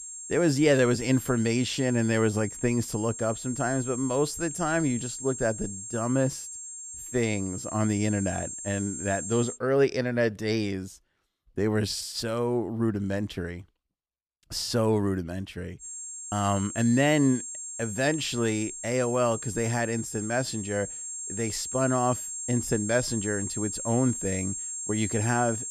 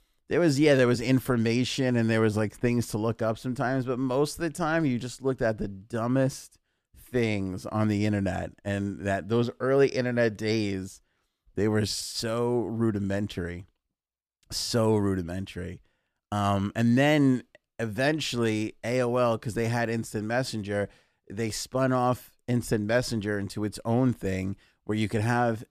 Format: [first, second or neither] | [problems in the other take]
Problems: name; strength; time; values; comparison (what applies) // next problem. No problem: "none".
second | high-pitched whine; loud; until 9.5 s and from 16 s on; 7.5 kHz, 7 dB below the speech